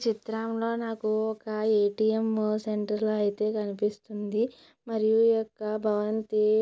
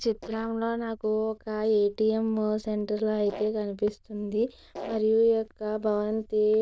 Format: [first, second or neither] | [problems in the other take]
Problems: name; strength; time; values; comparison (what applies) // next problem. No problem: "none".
first | noise reduction (neural diffusion model UNIVERSE++)